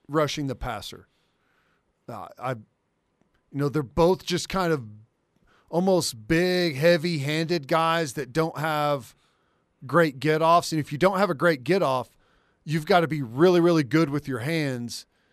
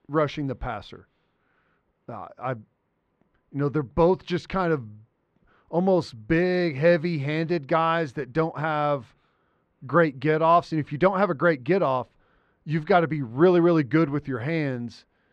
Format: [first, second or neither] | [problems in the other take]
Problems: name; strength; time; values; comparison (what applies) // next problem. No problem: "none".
first | muffled; slightly; fading above 2.5 kHz